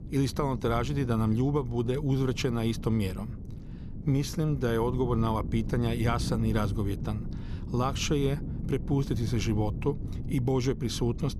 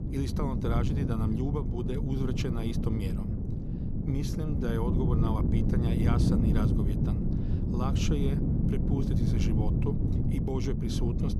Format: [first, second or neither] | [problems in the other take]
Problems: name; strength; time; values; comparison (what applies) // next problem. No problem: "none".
first | wind noise on the microphone; heavy; as loud as the speech; occasional gusts in the first